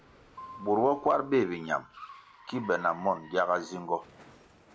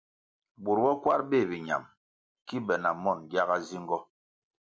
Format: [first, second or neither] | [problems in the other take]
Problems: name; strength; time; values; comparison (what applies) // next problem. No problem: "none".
second | background sound (Car + Piano); 19 dB below the speech